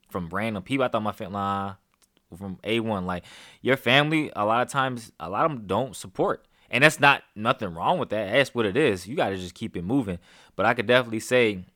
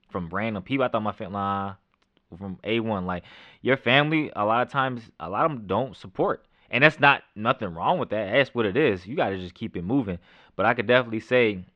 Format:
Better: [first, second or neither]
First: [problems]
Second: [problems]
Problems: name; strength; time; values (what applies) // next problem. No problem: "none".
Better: first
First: none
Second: muffled; slightly; fading above 3.5 kHz